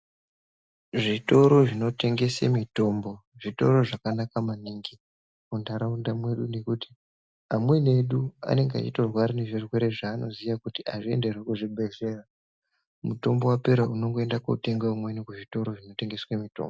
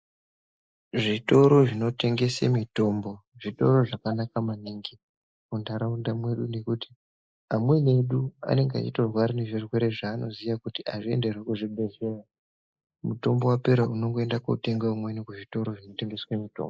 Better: first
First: none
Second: noise reduction (neural mask model Resemble Enhance denoiser)

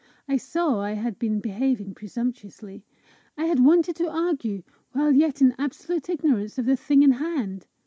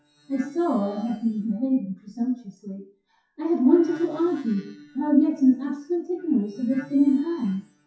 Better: first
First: none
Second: noise reduction (classical method WPE with log-MMSE)

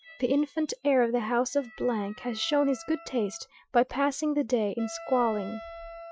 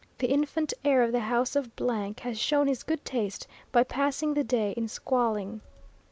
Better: second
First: noise reduction (classical method Wiener filter)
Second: none

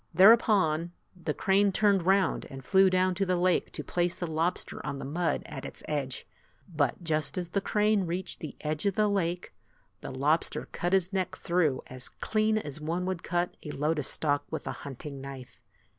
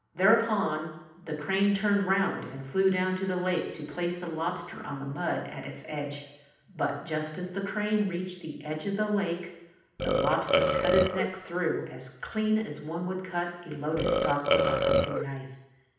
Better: first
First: none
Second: background sound (Burping, eructation); 4 dB above the speech // room echo; dies away in 0.9 s

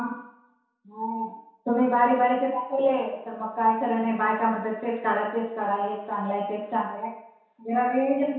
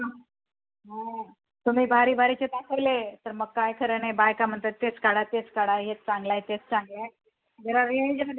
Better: second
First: room echo; dies away in 0.7 s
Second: none

